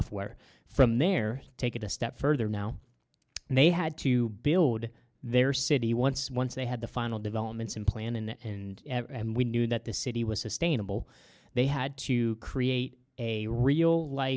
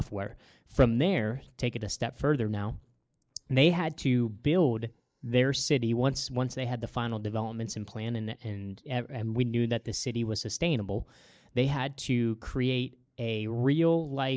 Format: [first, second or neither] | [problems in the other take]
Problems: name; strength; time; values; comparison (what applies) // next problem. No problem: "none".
first | noise reduction (neural mask model Resemble Enhance denoiser)